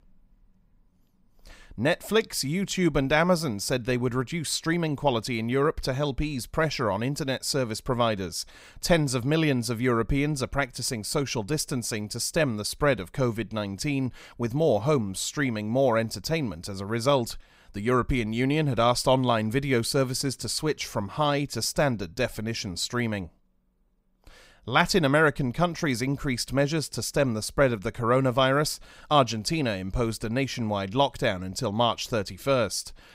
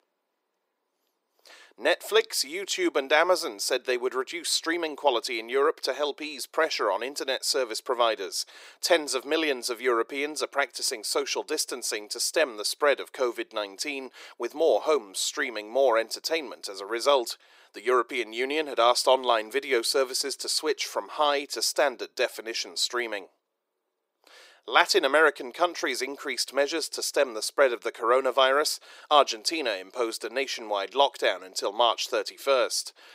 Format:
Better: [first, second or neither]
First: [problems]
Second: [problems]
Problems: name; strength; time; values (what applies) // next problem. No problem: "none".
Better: first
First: none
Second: thin; very; fading below 350 Hz